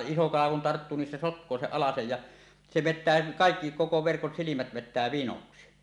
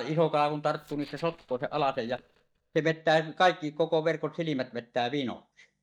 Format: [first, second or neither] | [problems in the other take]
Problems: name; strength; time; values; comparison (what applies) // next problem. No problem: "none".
first | noise reduction (neural mask model DeepFilterNet 3)